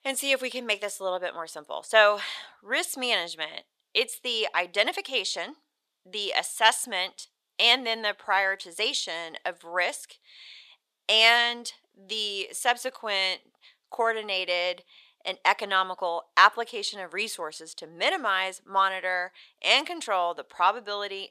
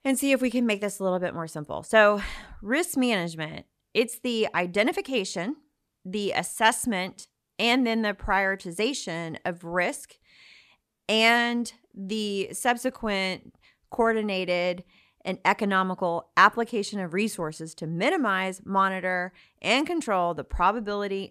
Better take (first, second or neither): second